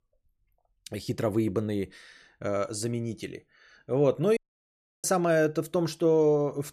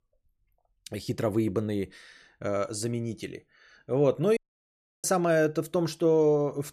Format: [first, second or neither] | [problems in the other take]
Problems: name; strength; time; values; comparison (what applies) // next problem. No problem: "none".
neither | audio cutting out; at 4.5 s for 0.5 s; the same in both